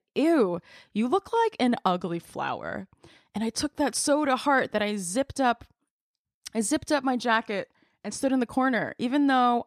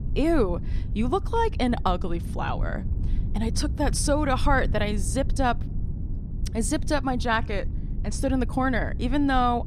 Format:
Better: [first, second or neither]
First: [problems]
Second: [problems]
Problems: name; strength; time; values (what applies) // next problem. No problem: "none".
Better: first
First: none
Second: low rumble; noticeable; throughout; 20 dB below the speech